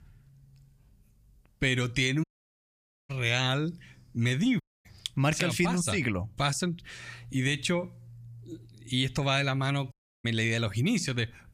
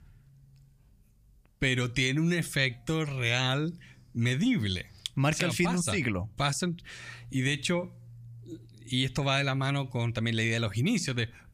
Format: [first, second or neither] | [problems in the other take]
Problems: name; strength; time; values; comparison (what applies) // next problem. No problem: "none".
second | audio cutting out; at 2 s for 1 s, at 4.5 s and at 10 s